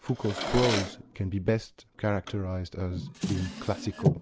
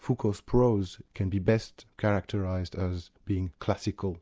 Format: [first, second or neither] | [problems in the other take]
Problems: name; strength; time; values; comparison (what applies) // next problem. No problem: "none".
second | background sound (Drawer open or close); 4 dB below the speech